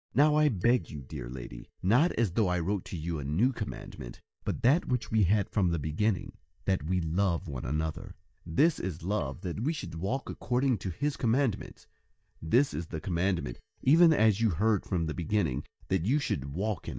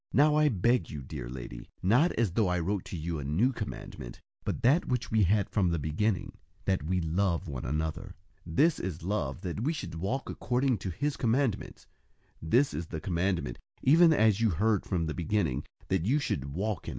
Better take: second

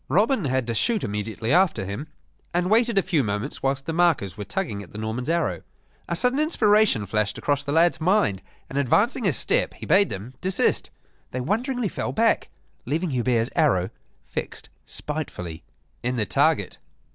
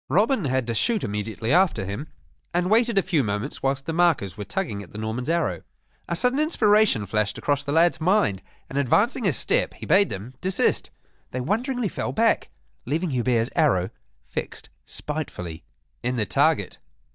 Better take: first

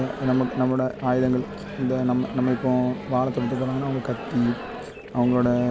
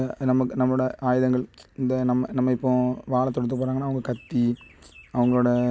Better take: second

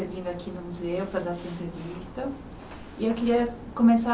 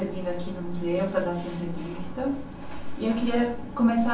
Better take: first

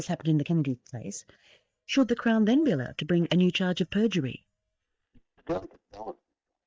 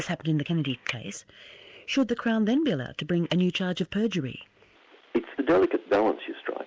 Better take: second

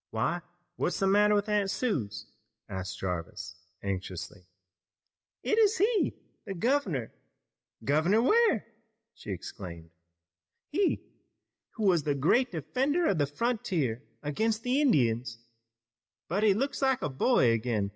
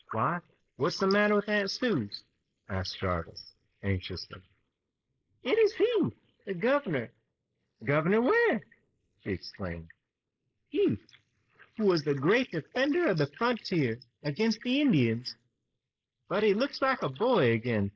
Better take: first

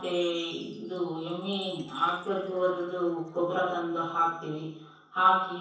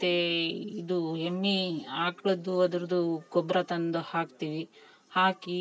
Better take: second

